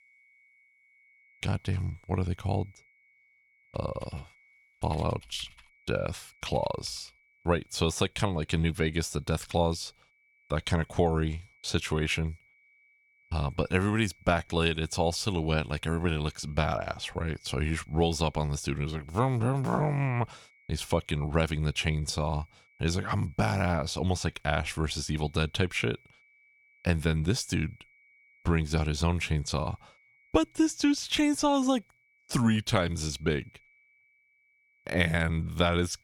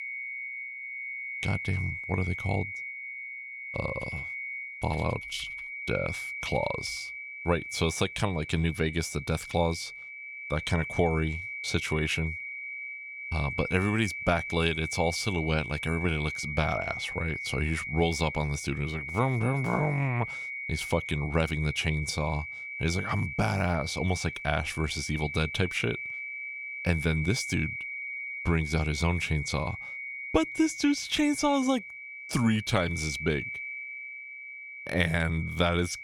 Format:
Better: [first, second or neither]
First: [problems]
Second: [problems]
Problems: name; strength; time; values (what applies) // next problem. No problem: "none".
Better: first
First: high-pitched whine; faint; throughout; 2.5 kHz, 30 dB below the speech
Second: high-pitched whine; loud; throughout; 2.5 kHz, 6 dB below the speech